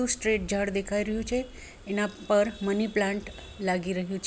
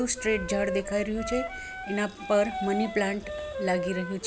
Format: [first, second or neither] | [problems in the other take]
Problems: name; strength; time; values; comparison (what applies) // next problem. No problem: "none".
first | background sound (Wind instrument, woodwind instrument); 6 dB below the speech